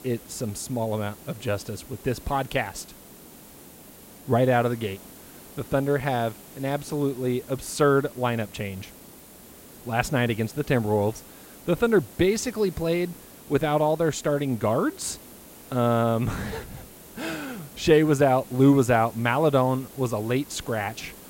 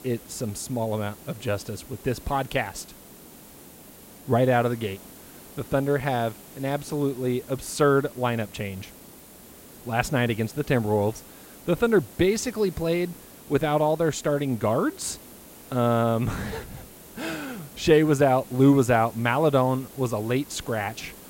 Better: neither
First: hiss; noticeable; throughout; 20 dB below the speech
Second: hiss; noticeable; throughout; 20 dB below the speech

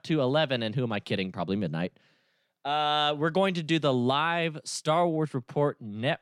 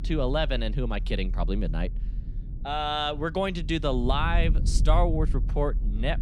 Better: first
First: none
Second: low rumble; noticeable; throughout; 20 dB below the speech

